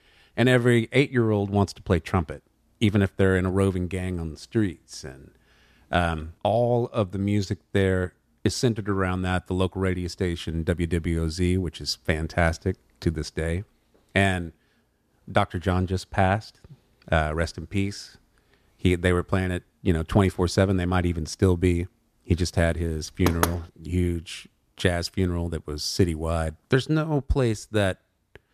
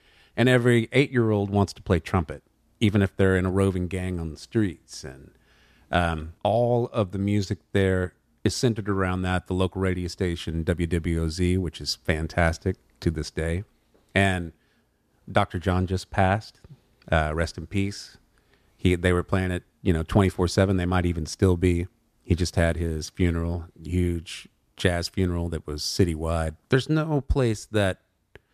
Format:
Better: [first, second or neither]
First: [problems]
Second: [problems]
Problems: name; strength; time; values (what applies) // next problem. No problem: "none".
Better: second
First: door banging; noticeable; at 23 s; peak 1 dB below the speech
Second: none